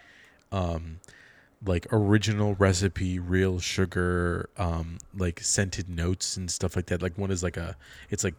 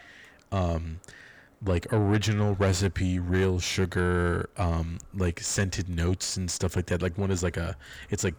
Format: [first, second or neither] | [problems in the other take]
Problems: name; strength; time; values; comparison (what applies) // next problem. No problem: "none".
first | distortion; slight; 10 dB below the speech